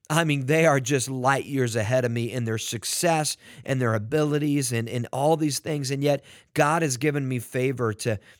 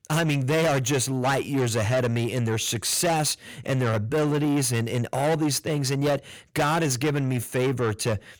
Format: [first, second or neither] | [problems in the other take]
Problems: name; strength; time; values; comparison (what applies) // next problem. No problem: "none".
first | distortion; heavy; 8 dB below the speech